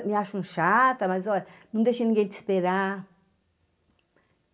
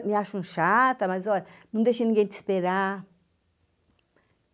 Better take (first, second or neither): second